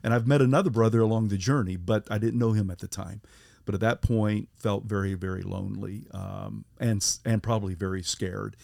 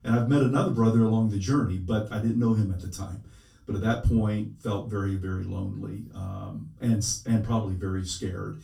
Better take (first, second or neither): first